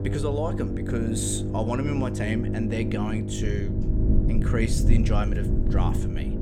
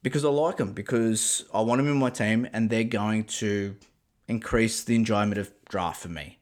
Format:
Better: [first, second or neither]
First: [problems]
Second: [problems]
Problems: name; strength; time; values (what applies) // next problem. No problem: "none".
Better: second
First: low rumble; loud; throughout; 3 dB below the speech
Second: none